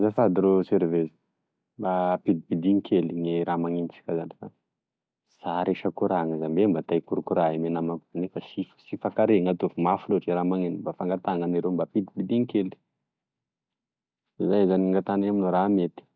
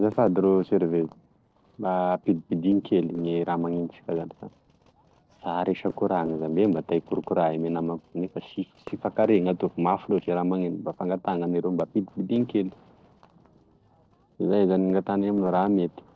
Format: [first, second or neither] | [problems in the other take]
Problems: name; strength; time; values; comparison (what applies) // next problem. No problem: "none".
first | noise reduction (neural separator model SepFormer DNS4)